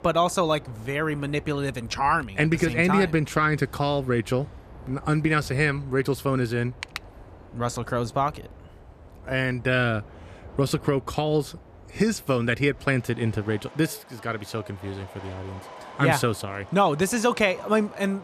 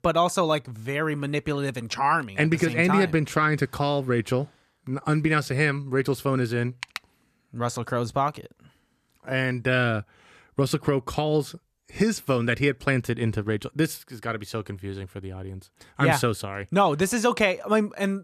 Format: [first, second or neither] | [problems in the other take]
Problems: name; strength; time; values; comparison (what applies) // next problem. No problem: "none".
second | train or aircraft noise; faint; throughout; 20 dB below the speech